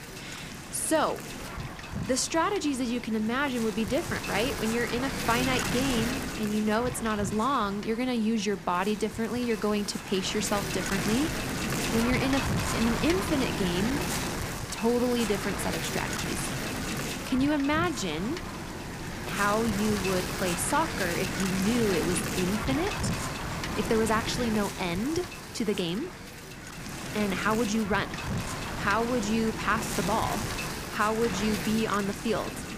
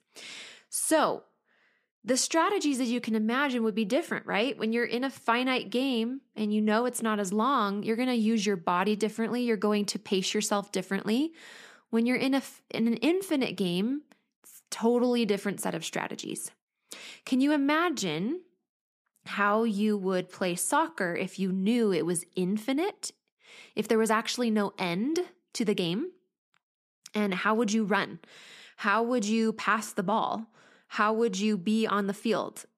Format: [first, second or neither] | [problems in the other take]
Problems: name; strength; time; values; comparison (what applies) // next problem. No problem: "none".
second | wind noise on the microphone; heavy; 4 dB below the speech